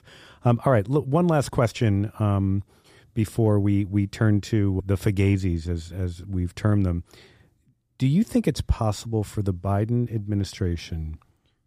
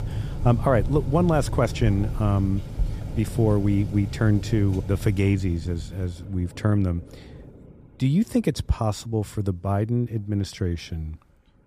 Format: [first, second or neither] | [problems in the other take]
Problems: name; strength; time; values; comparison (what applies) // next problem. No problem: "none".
first | rain or running water; loud; throughout; 8 dB below the speech